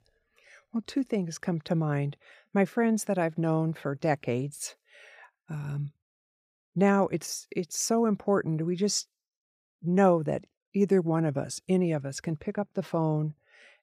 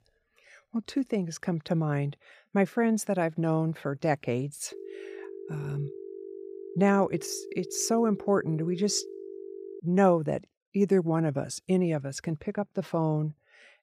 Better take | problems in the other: first | phone ringing; faint; from 4.5 to 10 s; peak 15 dB below the speech

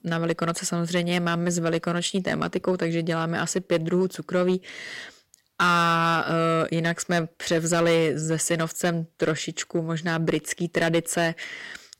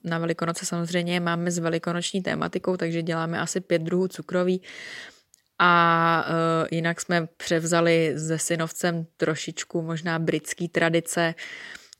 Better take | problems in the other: second | distortion; slight; 3% of the sound clipped

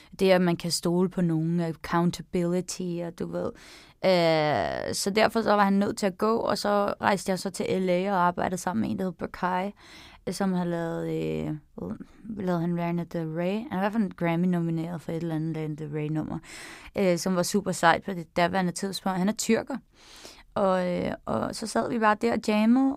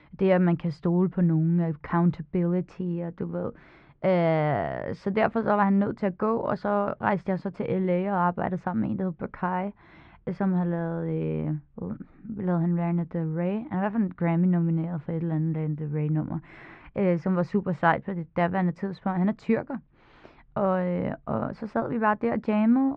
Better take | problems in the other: first | muffled; very; fading above 2 kHz

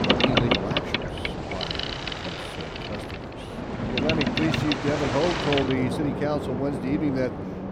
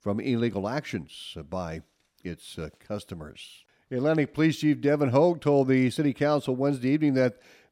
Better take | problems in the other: second | train or aircraft noise; very loud; throughout; 1 dB above the speech

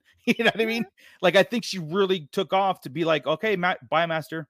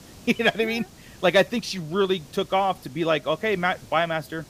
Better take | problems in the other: first | hiss; faint; throughout; 25 dB below the speech

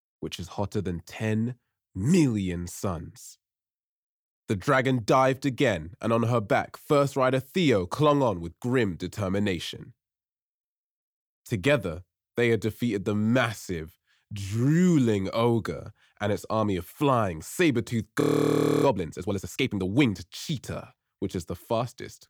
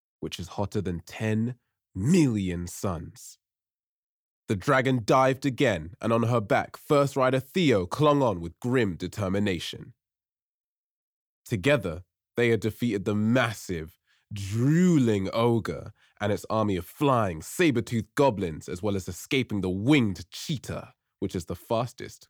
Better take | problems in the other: second | audio freezing; at 18 s for 0.5 s

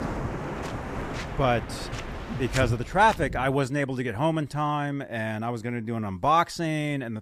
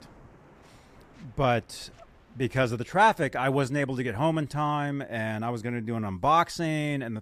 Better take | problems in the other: second | rain or running water; loud; until 3.5 s; 8 dB below the speech; faint in the second

